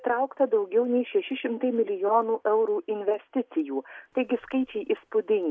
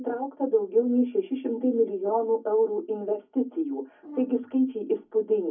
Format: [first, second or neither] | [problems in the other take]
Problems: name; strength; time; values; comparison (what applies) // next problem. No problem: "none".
first | background sound (Brass instrument); 20 dB below the speech // room echo; dies away in 0.3 s